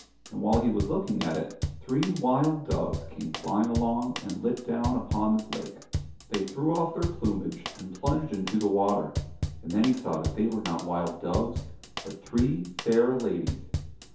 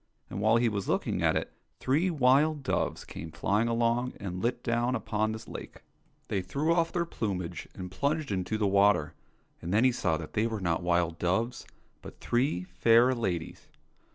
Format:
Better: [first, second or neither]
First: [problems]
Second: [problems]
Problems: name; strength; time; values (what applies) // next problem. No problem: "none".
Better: second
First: background sound (Drum / Drum kit); 7 dB below the speech // room echo; dies away in 0.5 s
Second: none